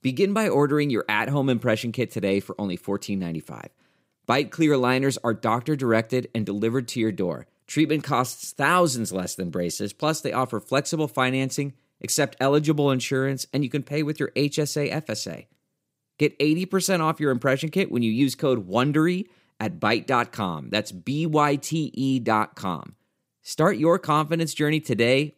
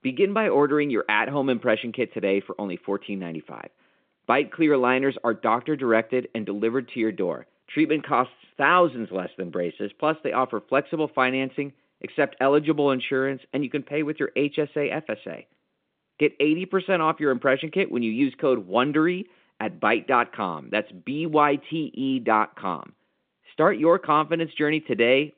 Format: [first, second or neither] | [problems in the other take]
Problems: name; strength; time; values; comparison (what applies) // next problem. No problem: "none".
first | phone-call audio; nothing above 3.5 kHz